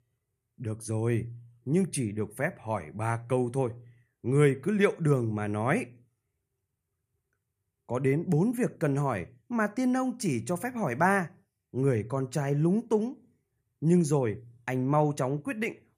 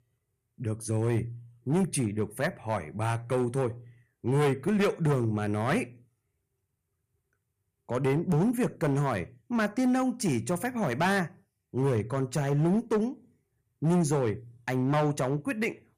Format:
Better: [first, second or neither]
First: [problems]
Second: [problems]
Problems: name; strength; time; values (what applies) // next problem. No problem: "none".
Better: first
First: none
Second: distortion; slight; 7% of the sound clipped